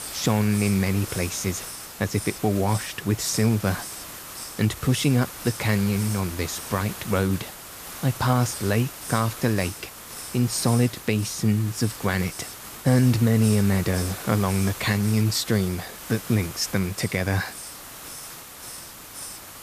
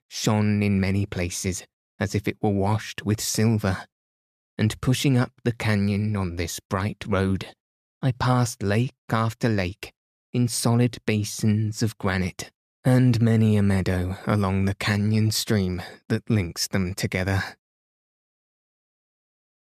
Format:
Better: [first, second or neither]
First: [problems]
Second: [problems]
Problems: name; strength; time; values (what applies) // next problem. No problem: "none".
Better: second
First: hiss; noticeable; throughout; 10 dB below the speech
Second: none